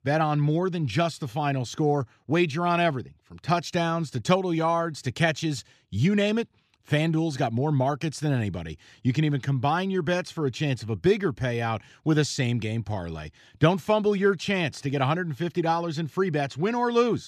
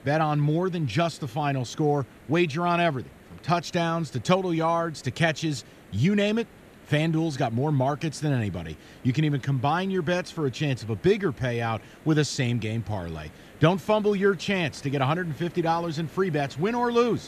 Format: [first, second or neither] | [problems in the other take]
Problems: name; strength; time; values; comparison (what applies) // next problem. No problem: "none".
first | hiss; faint; throughout; 25 dB below the speech